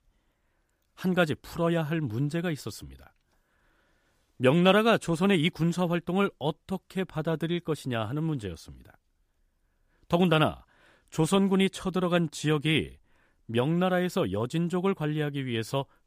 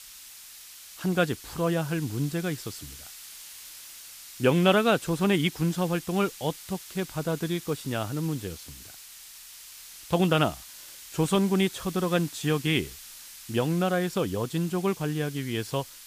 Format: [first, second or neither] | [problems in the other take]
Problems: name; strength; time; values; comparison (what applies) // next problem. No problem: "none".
first | hiss; noticeable; throughout; 15 dB below the speech